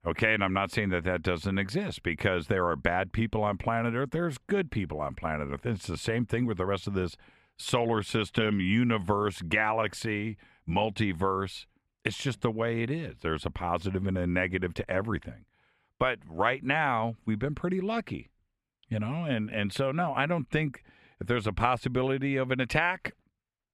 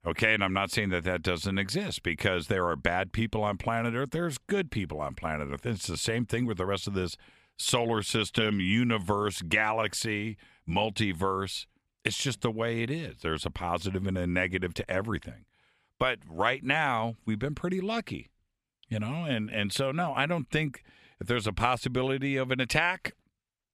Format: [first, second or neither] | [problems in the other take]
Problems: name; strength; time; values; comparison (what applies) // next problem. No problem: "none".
second | muffled; slightly; fading above 3 kHz